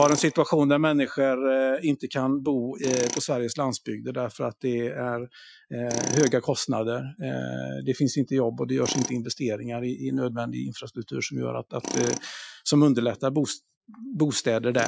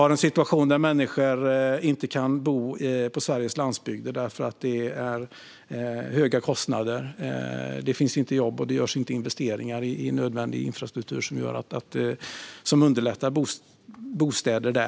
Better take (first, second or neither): second